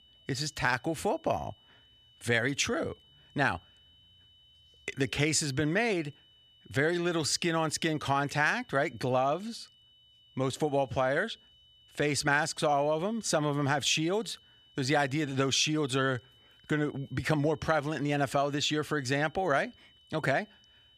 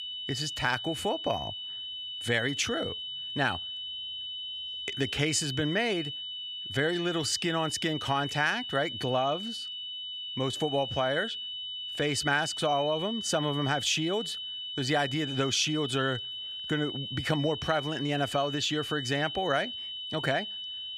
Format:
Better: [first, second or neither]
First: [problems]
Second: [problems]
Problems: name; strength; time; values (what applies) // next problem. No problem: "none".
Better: first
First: high-pitched whine; faint; throughout; 3 kHz, 30 dB below the speech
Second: high-pitched whine; loud; throughout; 3 kHz, 5 dB below the speech